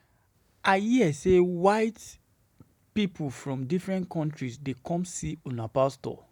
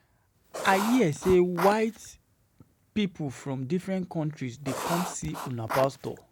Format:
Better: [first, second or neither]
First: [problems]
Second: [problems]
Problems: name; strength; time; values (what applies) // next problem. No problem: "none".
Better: first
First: none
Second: background sound (Writing); 7 dB below the speech